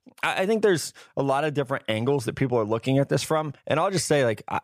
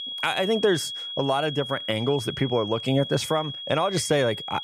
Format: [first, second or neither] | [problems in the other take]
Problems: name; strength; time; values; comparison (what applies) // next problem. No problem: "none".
first | high-pitched whine; loud; throughout; 3.5 kHz, 7 dB below the speech